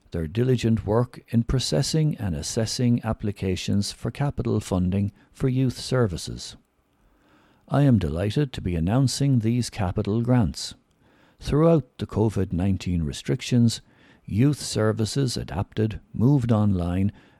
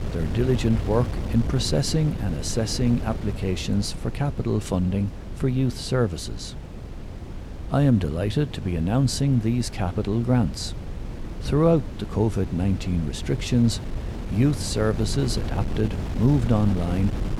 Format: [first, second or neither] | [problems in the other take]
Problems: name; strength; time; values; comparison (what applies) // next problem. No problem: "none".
first | wind noise on the microphone; occasional gusts; 10 dB below the speech